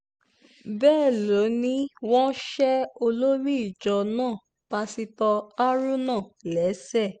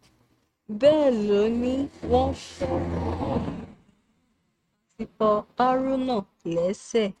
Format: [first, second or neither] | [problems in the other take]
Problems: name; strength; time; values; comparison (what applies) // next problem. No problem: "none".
first | noise reduction (neural mask model RNNoise)